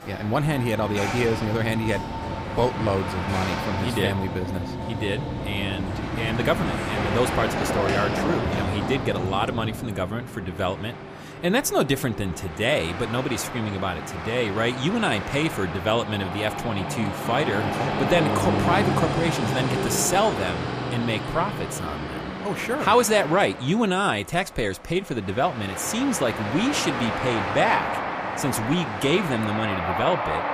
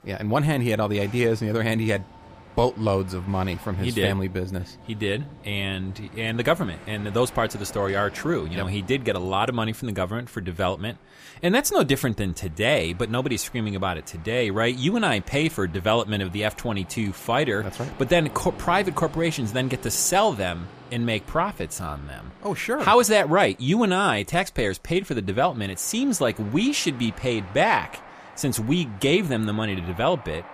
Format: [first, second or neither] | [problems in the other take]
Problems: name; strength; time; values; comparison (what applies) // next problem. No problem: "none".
second | train or aircraft noise; loud; throughout; 3 dB below the speech; faint in the second